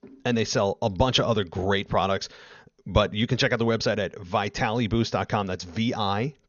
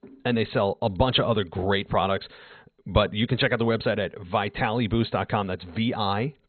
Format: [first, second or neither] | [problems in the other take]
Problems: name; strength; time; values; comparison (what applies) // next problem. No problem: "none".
first | garbled, watery; badly; nothing above 4 kHz; slightly in the first